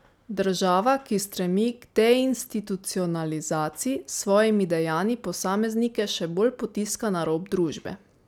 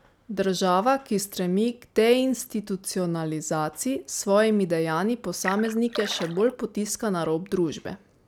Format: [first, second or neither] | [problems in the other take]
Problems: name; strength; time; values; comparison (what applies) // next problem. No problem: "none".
first | background sound (Splash, splatter); 11 dB below the speech